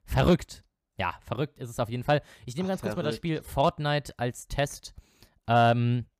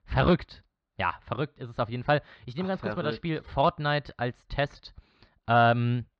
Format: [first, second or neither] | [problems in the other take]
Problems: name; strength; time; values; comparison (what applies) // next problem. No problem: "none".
first | muffled; very slightly; fading above 4.5 kHz